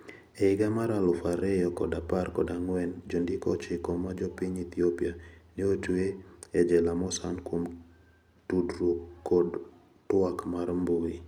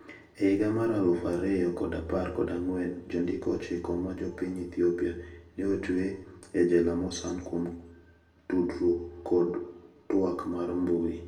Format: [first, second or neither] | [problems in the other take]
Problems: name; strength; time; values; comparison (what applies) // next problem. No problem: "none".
first | room echo; dies away in 0.6 s